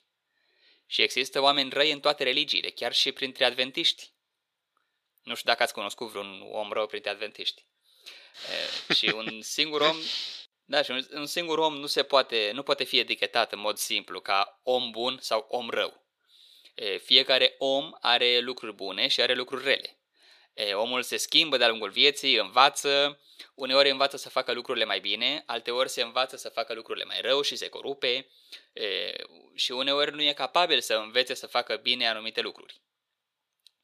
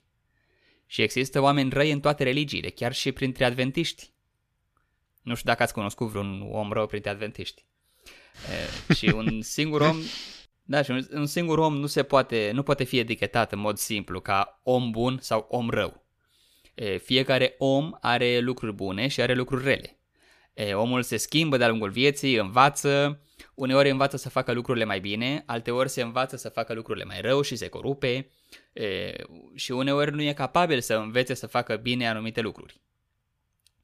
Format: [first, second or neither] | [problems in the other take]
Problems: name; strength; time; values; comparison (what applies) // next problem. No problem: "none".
second | thin; somewhat; fading below 450 Hz